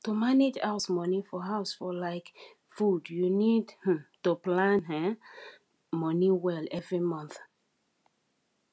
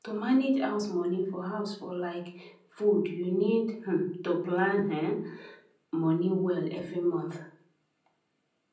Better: first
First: none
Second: room echo; dies away in 0.6 s

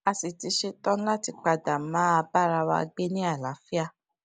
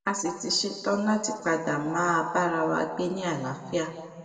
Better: first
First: none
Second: room echo; dies away in 1.4 s

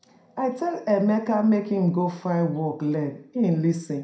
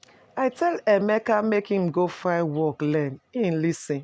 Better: second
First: room echo; dies away in 0.4 s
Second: none

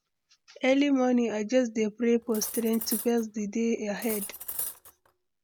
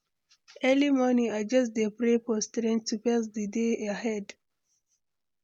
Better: second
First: background sound (Cutlery, silverware); 11 dB below the speech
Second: none

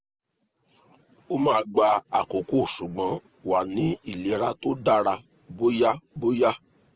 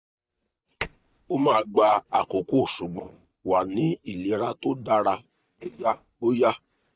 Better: first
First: none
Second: noise reduction (neural mask model DeepFilterNet 3)

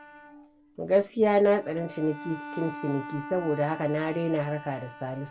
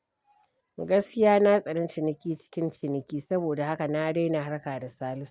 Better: second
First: background sound (Bowed string instrument); 15 dB below the speech // room echo; dies away in 0.2 s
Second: none

